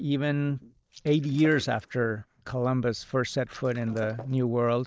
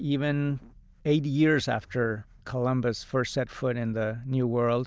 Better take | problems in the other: second | noise reduction (neural mask model Resemble Enhance denoiser)

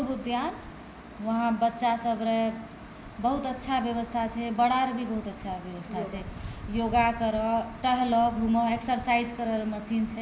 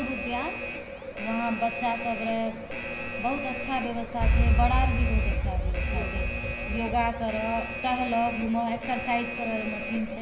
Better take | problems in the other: first | background sound (Alarm); 1 dB above the speech

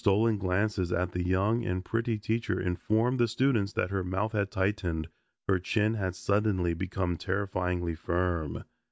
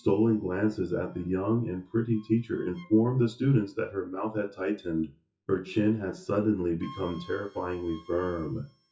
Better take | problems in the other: first | noise reduction (classical method WPE with log-MMSE)

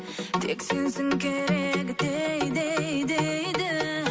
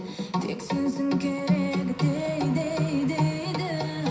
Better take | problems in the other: first | background sound (Engine); 20 dB below the speech // room echo; dies away in 0.5 s

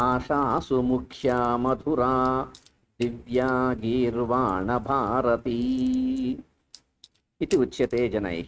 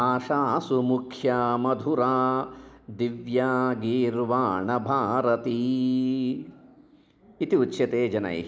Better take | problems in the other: second | noise reduction (neural mask model RNNoise)

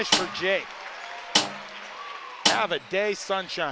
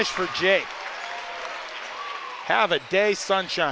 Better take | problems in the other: second | background sound (Snare drum); as loud as the speech

